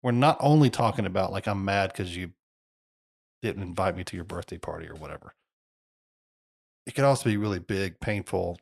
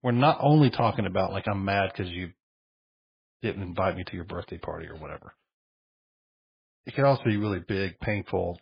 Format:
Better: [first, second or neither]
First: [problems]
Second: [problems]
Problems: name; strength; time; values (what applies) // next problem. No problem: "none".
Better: first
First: none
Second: garbled, watery; badly